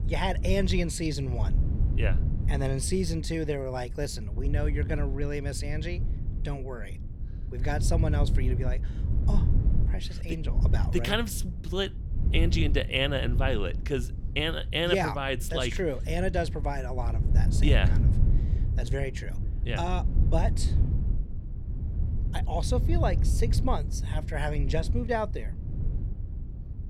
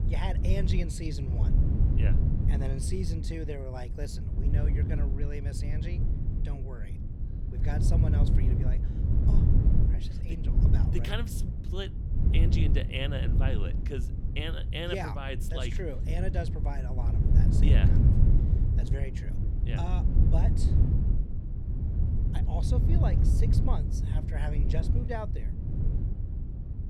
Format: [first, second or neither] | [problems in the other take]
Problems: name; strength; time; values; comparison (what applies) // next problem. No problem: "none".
first | wind noise on the microphone; heavy; 2 dB below the speech; occasional gusts in the first